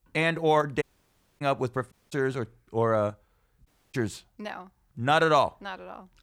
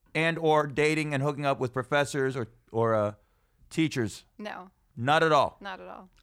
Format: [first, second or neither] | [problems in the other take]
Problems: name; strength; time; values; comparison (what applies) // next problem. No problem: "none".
second | audio cutting out; at 1 s for 0.5 s, at 2 s and at 3.5 s